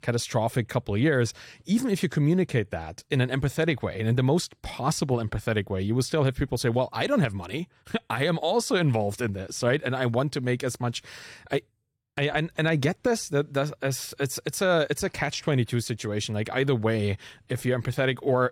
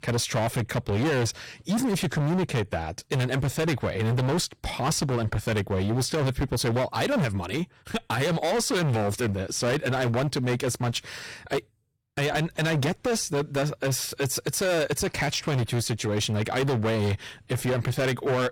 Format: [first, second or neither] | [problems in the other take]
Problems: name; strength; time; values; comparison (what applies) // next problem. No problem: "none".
first | distortion; heavy; 24% of the sound clipped